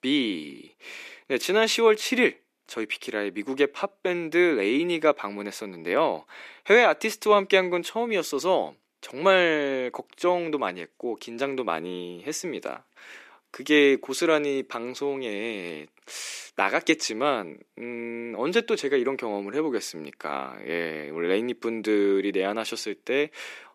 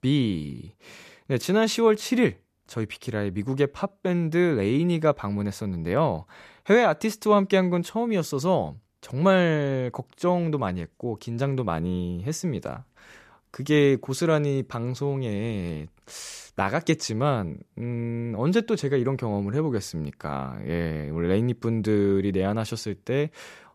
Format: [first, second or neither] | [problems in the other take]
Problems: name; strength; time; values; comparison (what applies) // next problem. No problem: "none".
second | thin; somewhat; fading below 300 Hz